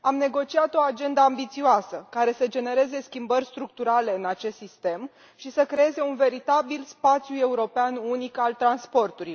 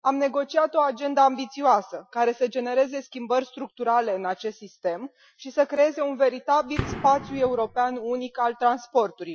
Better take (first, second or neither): first